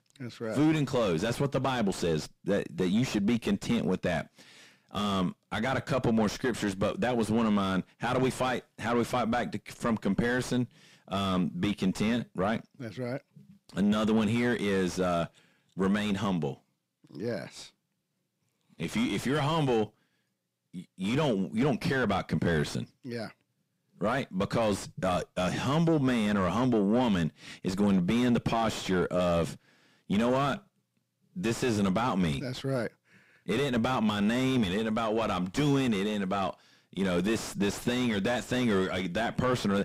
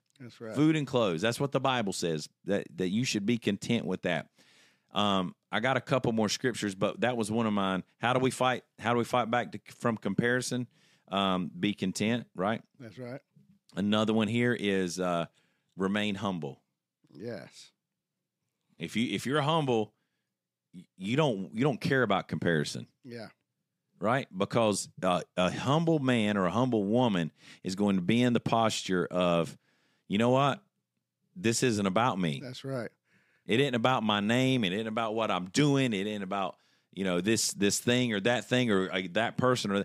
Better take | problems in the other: second | distortion; heavy; 5 dB below the speech

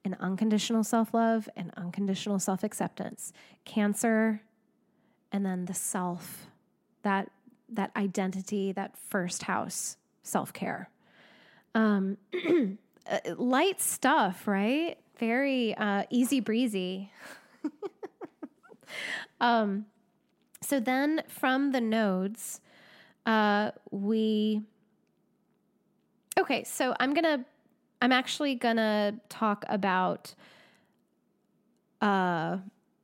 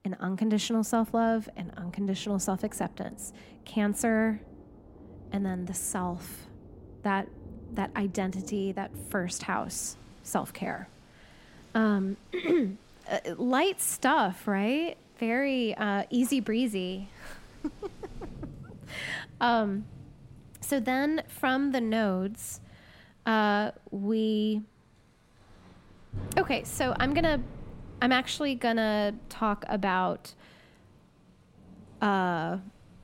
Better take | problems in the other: first | rain or running water; noticeable; throughout; 20 dB below the speech

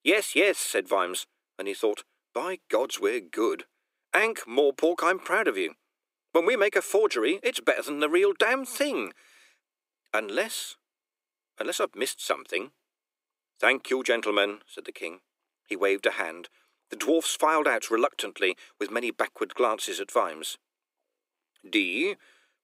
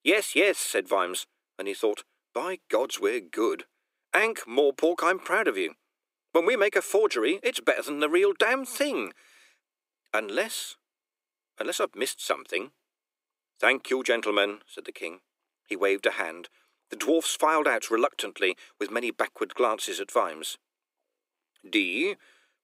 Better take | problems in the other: neither | thin; somewhat; fading below 300 Hz; the same in both

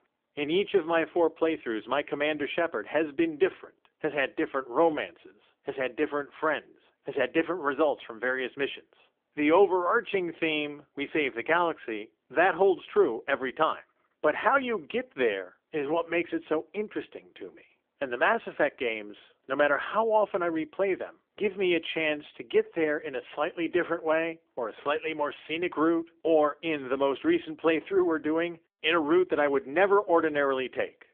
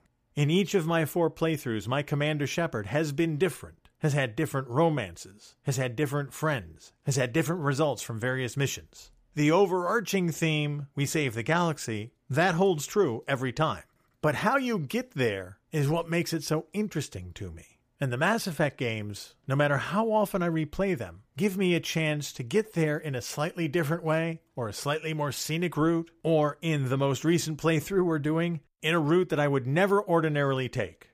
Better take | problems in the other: second | phone-call audio; nothing above 3.5 kHz

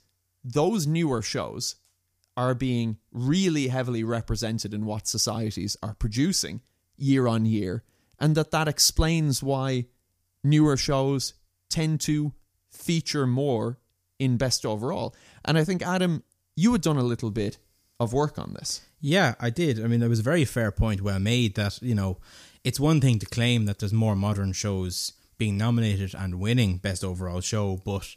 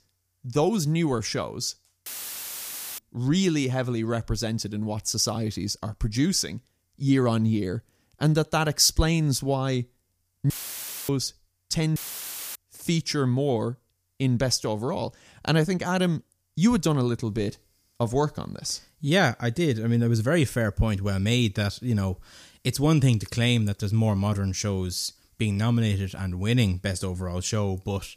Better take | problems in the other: first | audio cutting out; filled with static; at 2 s for 1 s, at 11 s for 0.5 s and at 12 s for 0.5 s

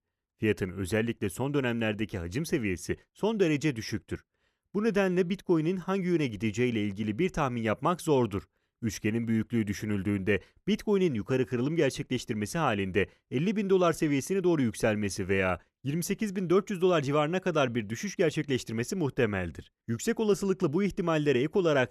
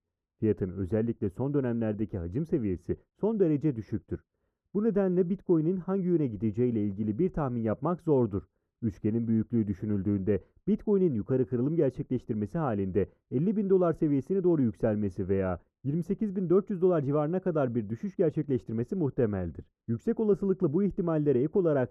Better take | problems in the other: first | muffled; very; fading above 1.5 kHz

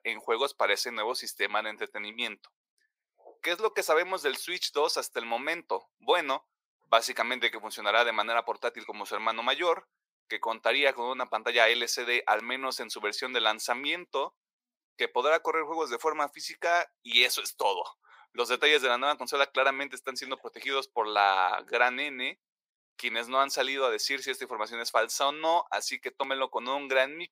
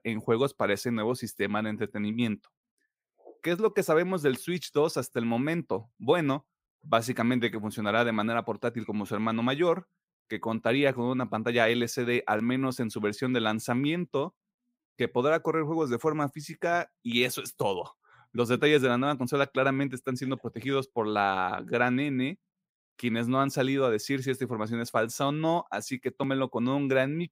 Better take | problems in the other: second | thin; very; fading below 500 Hz

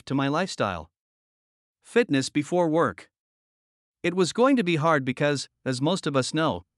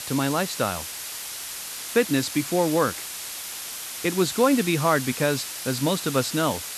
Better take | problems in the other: first | hiss; loud; throughout; 7 dB below the speech

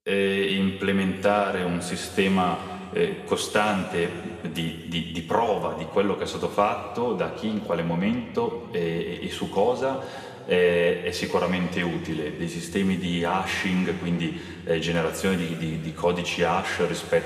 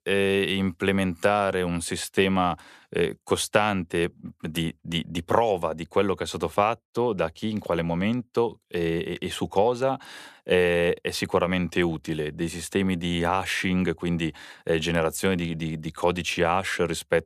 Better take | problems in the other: second | room echo; noticeable; dies away in 2.2 s // off-mic speech; somewhat distant

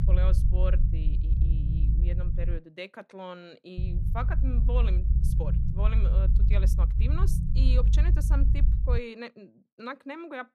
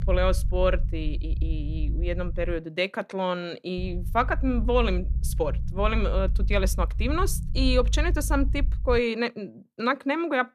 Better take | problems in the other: second | low rumble; loud; until 2.5 s and from 4 to 9 s; 5 dB below the speech; faint in the second

